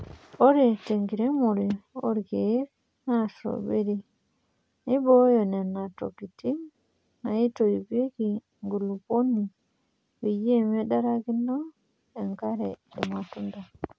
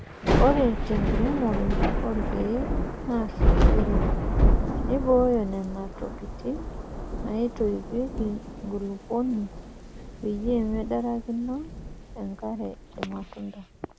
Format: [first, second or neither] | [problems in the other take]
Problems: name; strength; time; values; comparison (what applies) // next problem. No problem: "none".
first | background sound (Thunder / Rain); 2 dB above the speech